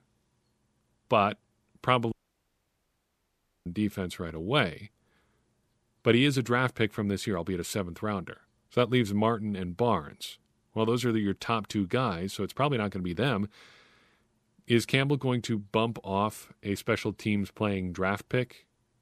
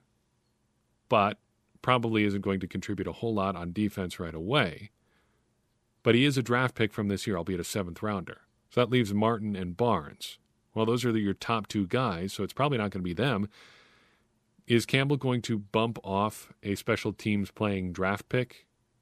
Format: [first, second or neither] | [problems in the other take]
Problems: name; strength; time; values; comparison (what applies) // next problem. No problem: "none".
second | audio cutting out; at 2 s for 1.5 s